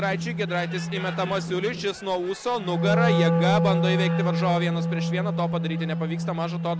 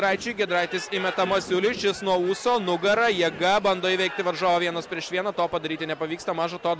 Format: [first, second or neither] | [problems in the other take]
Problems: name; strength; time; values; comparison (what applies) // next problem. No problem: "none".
second | background sound (Wind instrument, woodwind instrument); 2 dB above the speech